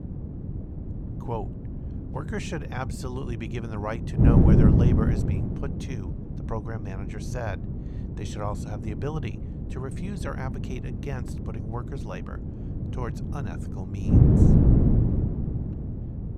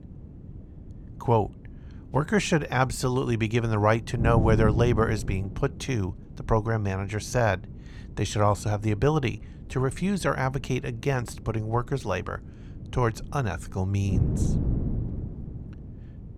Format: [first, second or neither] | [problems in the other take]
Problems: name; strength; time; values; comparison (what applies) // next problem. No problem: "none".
second | wind noise on the microphone; heavy; 2 dB above the speech; occasional gusts in the second